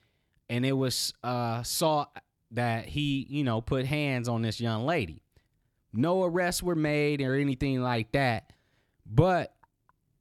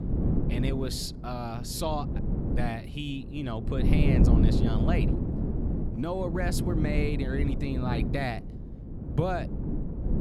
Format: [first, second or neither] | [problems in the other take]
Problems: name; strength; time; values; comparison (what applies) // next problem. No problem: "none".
first | wind noise on the microphone; heavy; 3 dB below the speech